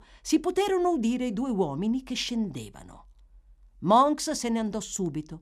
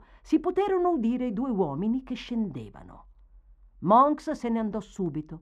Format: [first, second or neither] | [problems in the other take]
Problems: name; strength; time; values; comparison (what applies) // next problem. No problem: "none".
first | muffled; very; fading above 3.5 kHz